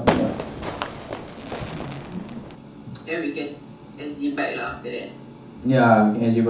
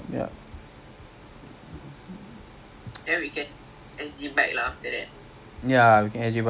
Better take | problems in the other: second | background sound (Fireworks); 4 dB below the speech // room echo; dies away in 0.6 s

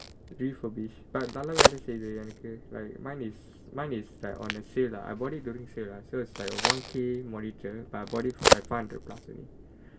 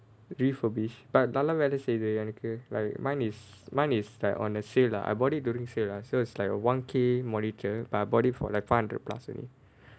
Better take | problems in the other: second | background sound (Crack); 3 dB above the speech // room echo; dies away in 0.1 s

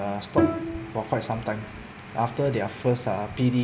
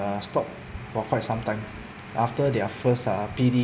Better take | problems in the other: second | background sound (Bowed string instrument); 4 dB below the speech

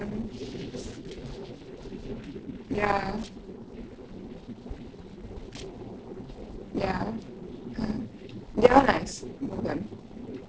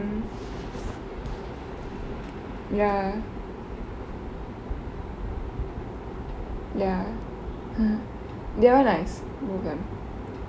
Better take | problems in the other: second | noise reduction (neural separator model SepFormer DNS4)

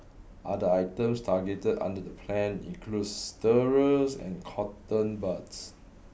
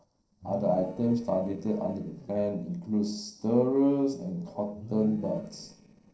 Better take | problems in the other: first | noise reduction (neural separator model SepFormer DNS4)

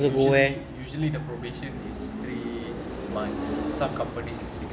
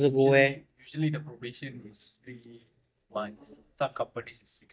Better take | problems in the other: first | noise reduction (neural mask model DeepFilterNet 3)

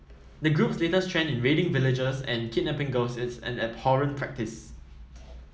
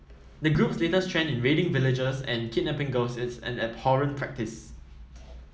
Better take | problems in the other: first | background sound (Dishes, pots, and pans); 17 dB below the speech

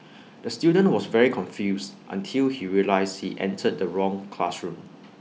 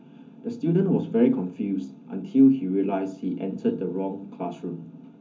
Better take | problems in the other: first | room echo; dies away in 0.3 s

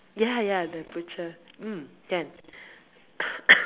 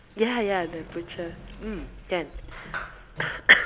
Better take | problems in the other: first | background sound (Sliding door); 14 dB below the speech

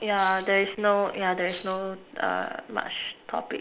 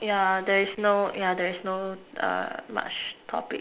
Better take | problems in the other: second | background sound (Tambourine); 17 dB below the speech

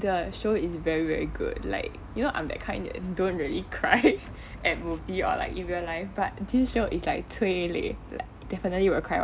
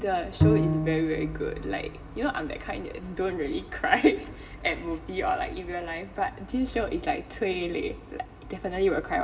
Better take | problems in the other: first | background sound (Bowed string instrument); as loud as the speech // room echo; dies away in 1.2 s

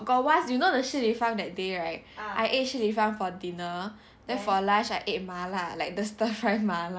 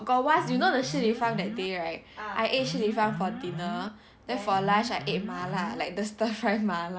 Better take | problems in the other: first | background sound (Alarm); 8 dB below the speech

